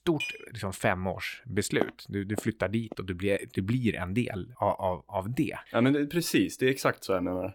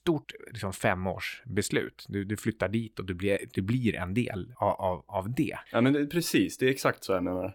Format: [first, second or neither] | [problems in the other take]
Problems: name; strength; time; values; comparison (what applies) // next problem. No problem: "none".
second | clattering dishes; noticeable; at the start; peak 6 dB below the speech // footsteps; noticeable; from 2 to 3 s; peak 6 dB below the speech